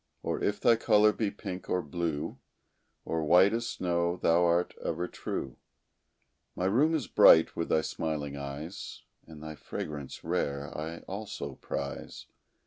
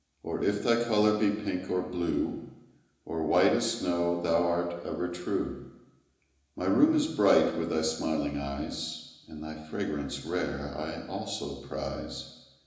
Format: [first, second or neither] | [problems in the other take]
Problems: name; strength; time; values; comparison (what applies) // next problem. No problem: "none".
first | room echo; dies away in 1 s